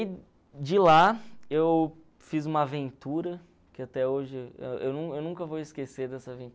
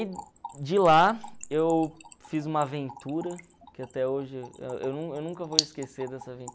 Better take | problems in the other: first | background sound (Trickle, dribble / Splash, splatter); 11 dB below the speech

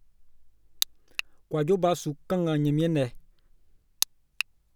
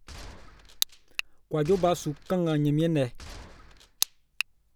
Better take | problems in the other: first | background sound (Gunshot, gunfire); 19 dB below the speech

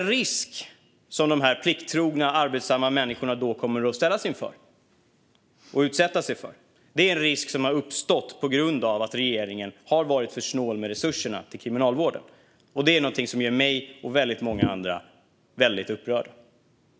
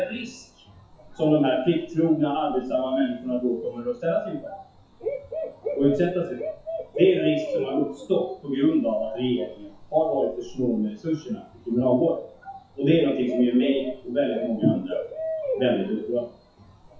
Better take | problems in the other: first | noise reduction (classical method WPE with log-MMSE)

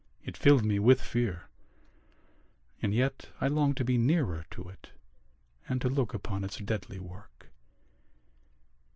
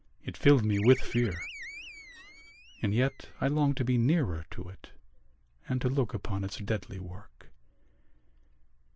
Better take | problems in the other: first | background sound (Animal); 15 dB below the speech

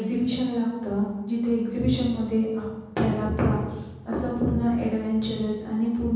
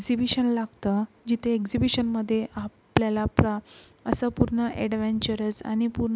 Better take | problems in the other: second | room echo; dies away in 1.1 s

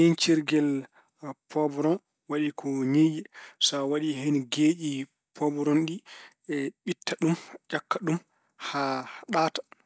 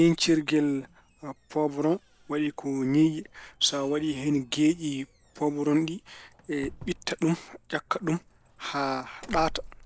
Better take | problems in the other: first | background sound (Doorbell); 20 dB below the speech

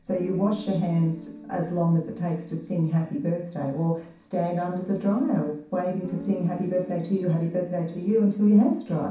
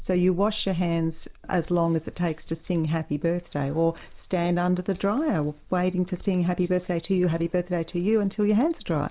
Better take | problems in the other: second | background sound (Guitar); 18 dB below the speech // room echo; dies away in 0.6 s

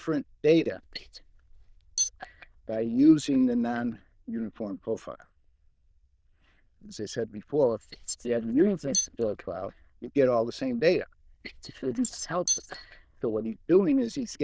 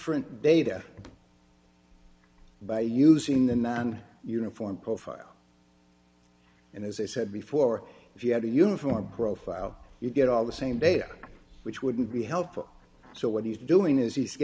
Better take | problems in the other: second | noise reduction (neural diffusion model UNIVERSE++)

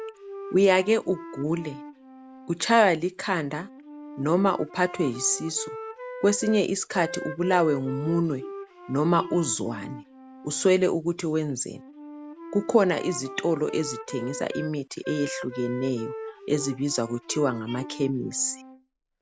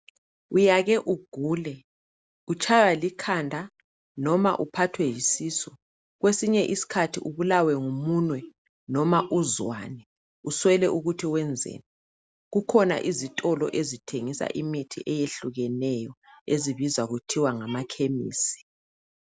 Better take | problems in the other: second | background sound (Wind instrument, woodwind instrument); 13 dB below the speech

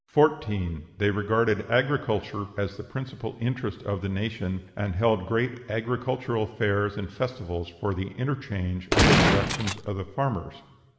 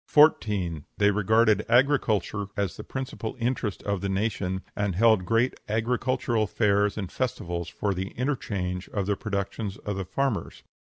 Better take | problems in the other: second | background sound (Gunshot, gunfire); 5 dB above the speech // room echo; dies away in 1.3 s

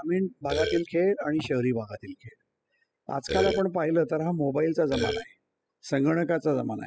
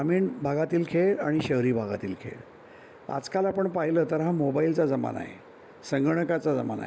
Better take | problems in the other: second | noise reduction (classical method spectral subtraction)

